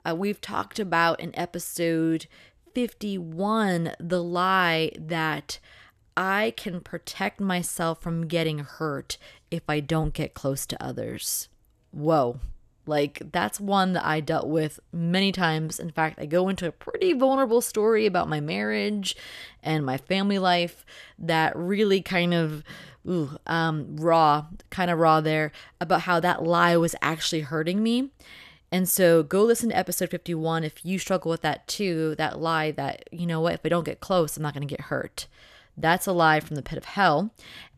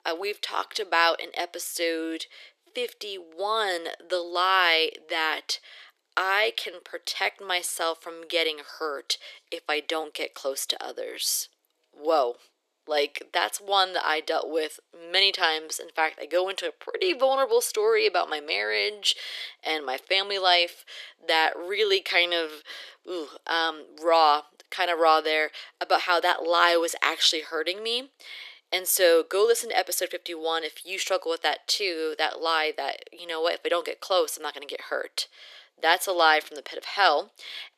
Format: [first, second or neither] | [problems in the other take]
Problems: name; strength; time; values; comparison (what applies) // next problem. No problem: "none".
first | thin; very; fading below 350 Hz